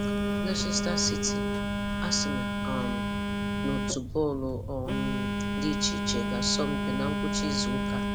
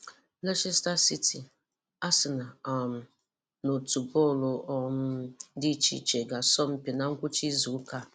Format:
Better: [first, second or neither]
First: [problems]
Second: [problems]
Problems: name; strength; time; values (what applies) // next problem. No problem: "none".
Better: second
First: background sound (Telephone); 4 dB above the speech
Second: none